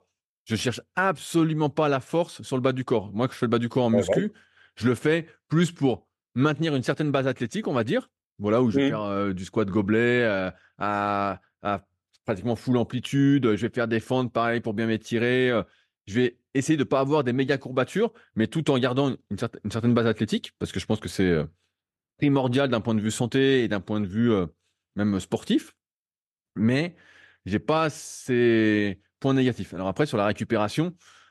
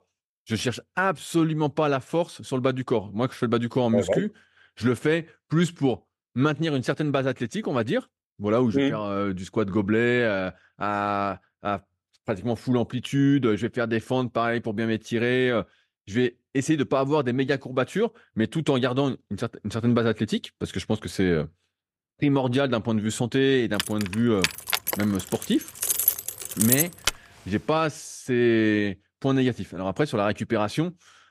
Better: first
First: none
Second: jangling keys; loud; from 24 to 27 s; peak 4 dB above the speech

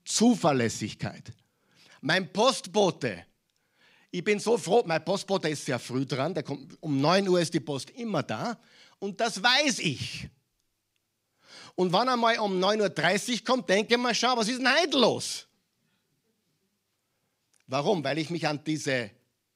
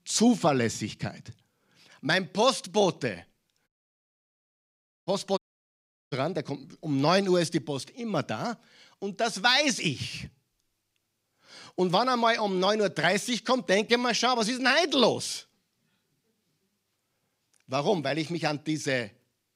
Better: first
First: none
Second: audio cutting out; at 3.5 s for 1.5 s and at 5.5 s for 0.5 s

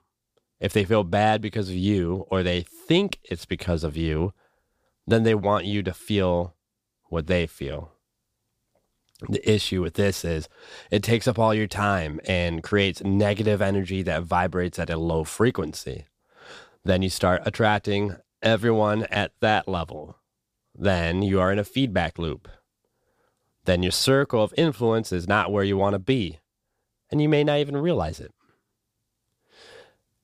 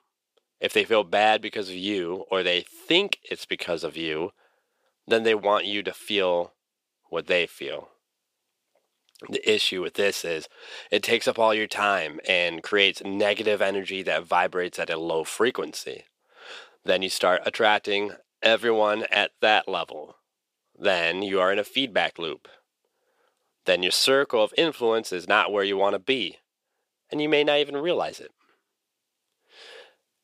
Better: first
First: none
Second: thin; somewhat; fading below 450 Hz

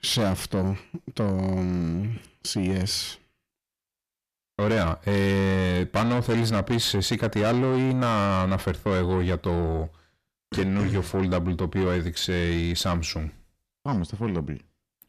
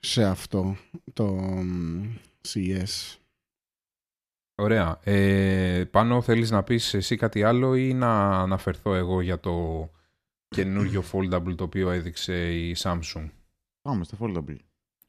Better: second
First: distortion; heavy; 8 dB below the speech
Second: none

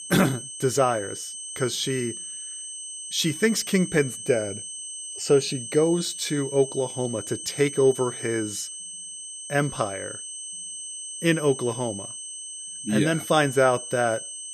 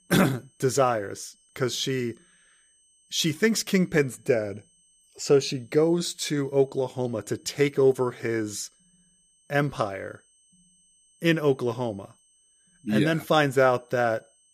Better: second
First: high-pitched whine; loud; throughout; 8.5 kHz, 9 dB below the speech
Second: high-pitched whine; faint; throughout; 8.5 kHz, 35 dB below the speech

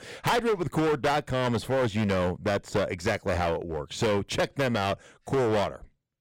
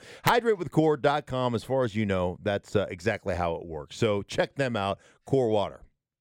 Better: second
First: distortion; heavy; 19% of the sound clipped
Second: none

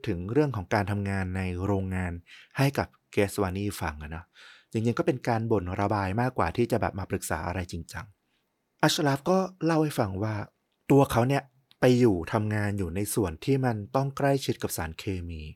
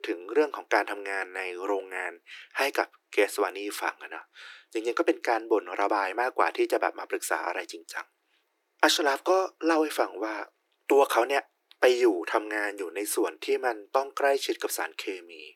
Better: first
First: none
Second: thin; very; fading below 300 Hz

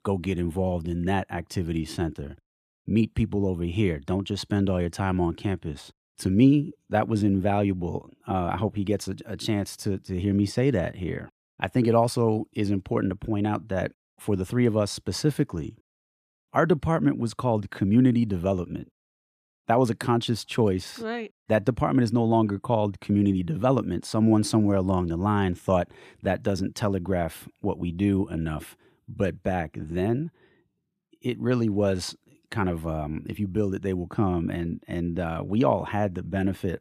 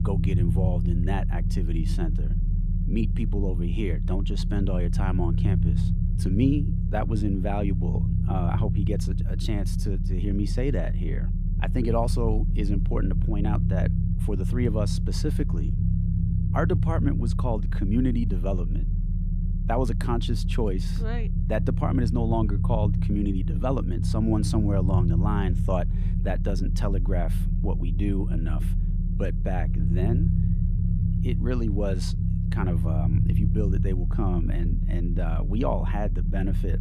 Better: first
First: none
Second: low rumble; loud; throughout; 6 dB below the speech

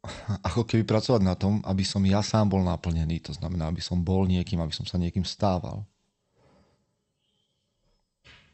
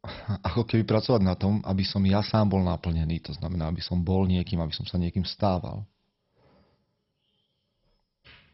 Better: first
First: garbled, watery; slightly; nothing above 8 kHz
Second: garbled, watery; badly; nothing above 5.5 kHz

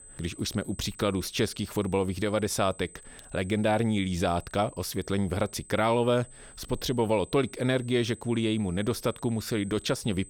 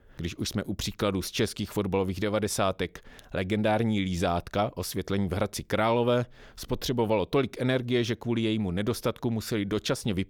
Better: second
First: high-pitched whine; noticeable; throughout; 8 kHz, 20 dB below the speech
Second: none

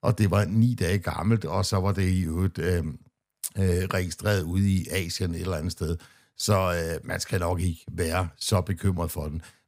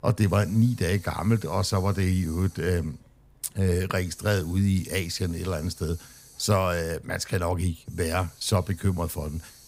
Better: first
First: none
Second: hiss; faint; throughout; 25 dB below the speech

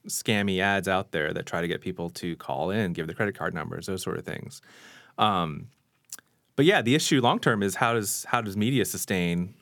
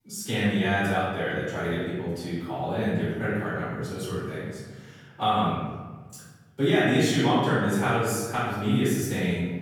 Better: first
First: none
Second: off-mic speech; far // room echo; strong; dies away in 1.3 s

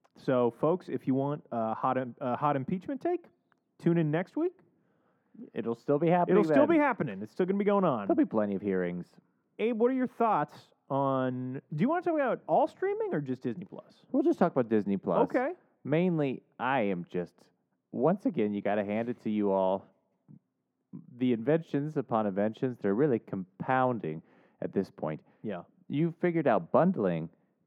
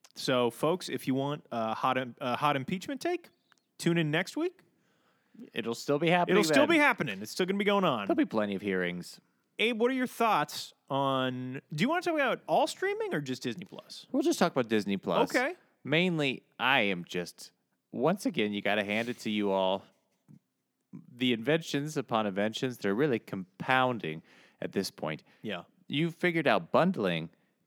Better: second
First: muffled; very; fading above 2 kHz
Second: none

